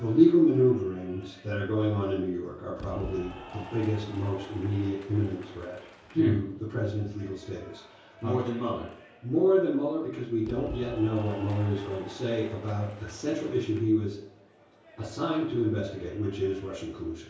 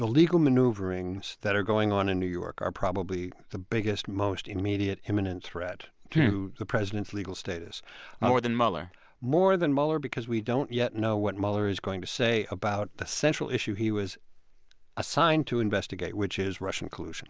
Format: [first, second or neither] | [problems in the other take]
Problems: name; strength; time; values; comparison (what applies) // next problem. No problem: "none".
second | background sound (Applause / Cheering); 19 dB below the speech // room echo; dies away in 0.6 s